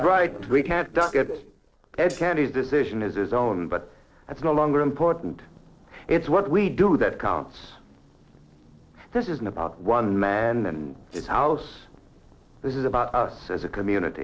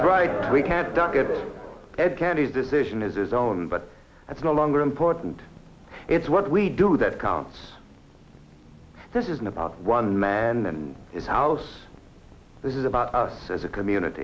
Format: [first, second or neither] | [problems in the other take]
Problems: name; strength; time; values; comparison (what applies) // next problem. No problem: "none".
second | noise reduction (neural separator model SepFormer DNS4)